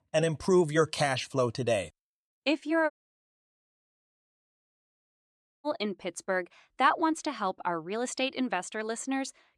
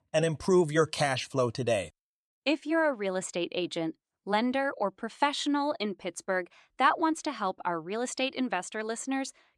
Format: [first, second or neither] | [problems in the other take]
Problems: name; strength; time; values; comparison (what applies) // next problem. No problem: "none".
second | audio cutting out; at 3 s for 2.5 s